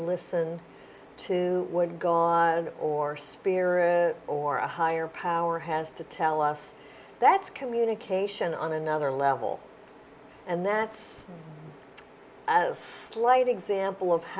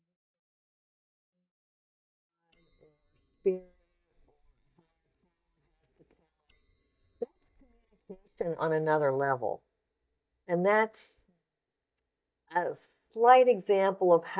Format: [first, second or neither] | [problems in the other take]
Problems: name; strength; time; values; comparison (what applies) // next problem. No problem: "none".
first | noise reduction (neural mask model DeepFilterNet 3)